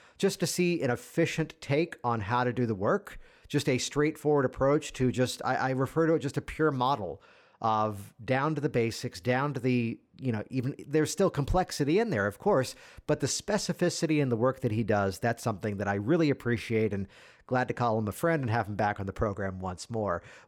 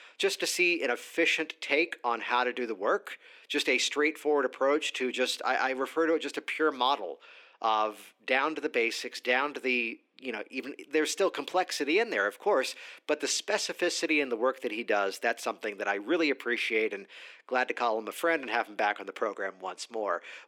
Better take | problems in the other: first | thin; somewhat; fading below 300 Hz

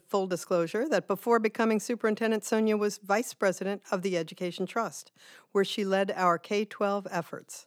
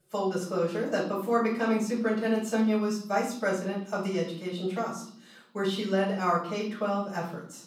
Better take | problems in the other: first | off-mic speech; far // room echo; noticeable; dies away in 0.6 s

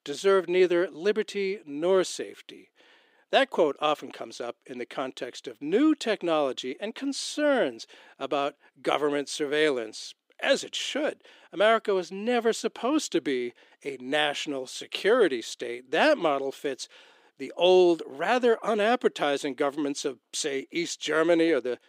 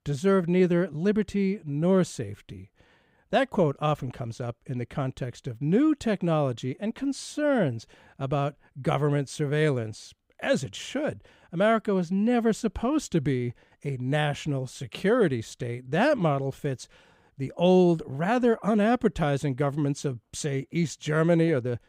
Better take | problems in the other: second | thin; somewhat; fading below 300 Hz

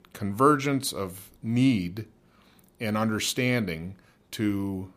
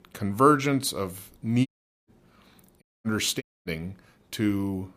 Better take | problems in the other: first | audio cutting out; at 1.5 s, at 3 s and at 3.5 s

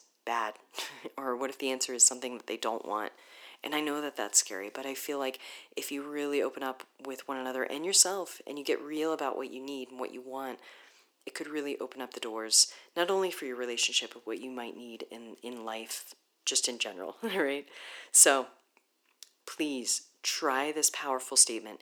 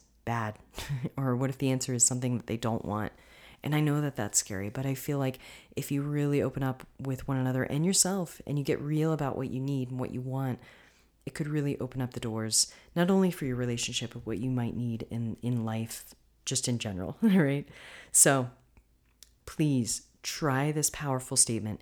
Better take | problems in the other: second | thin; somewhat; fading below 300 Hz

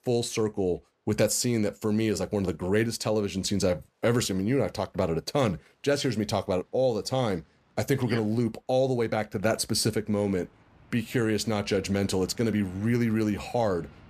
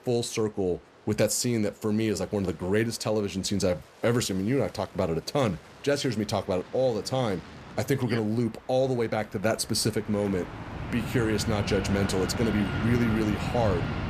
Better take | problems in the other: first | train or aircraft noise; loud; throughout; 7 dB below the speech; faint in the first

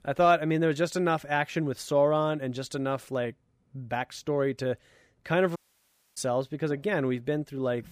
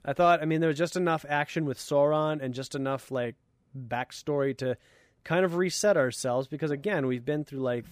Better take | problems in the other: second | audio cutting out; at 5.5 s for 0.5 s

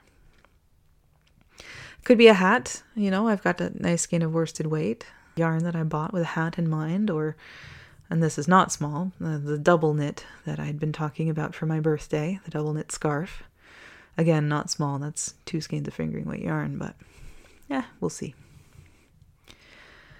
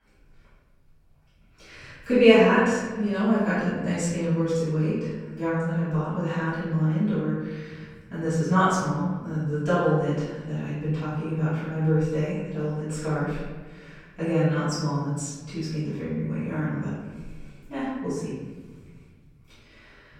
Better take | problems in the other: first | off-mic speech; far // room echo; strong; dies away in 1.3 s

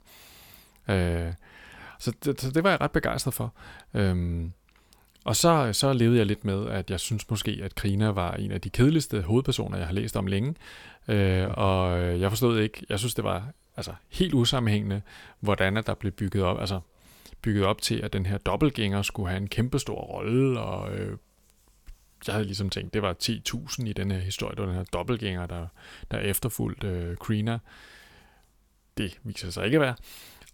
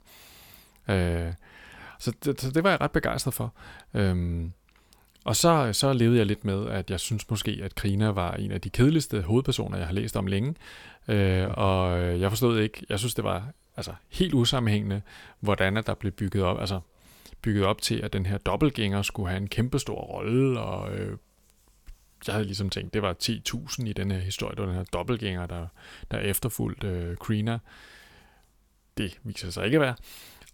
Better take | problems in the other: neither | none

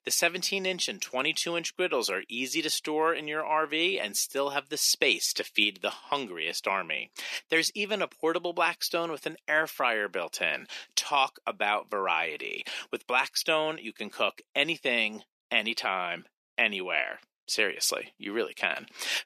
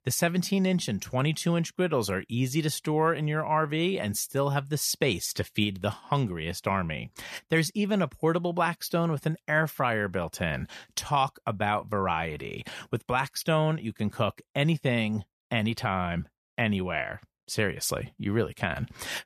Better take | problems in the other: second | thin; somewhat; fading below 300 Hz

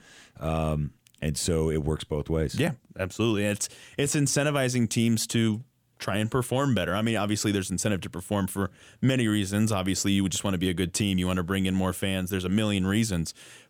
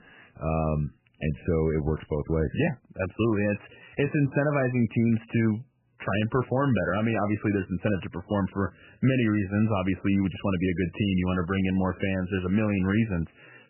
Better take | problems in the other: first | garbled, watery; badly; nothing above 3 kHz

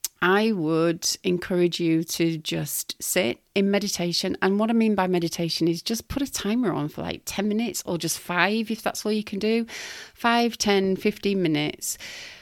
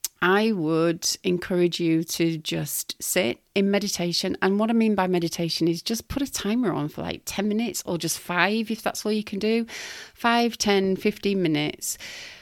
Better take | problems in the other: neither | none

